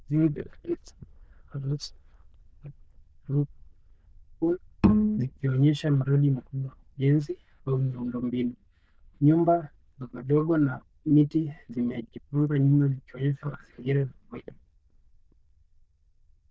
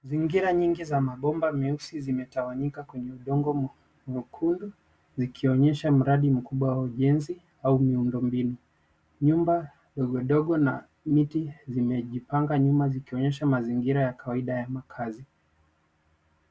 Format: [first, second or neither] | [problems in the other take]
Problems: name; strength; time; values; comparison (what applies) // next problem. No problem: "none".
second | noise reduction (neural diffusion model UNIVERSE++)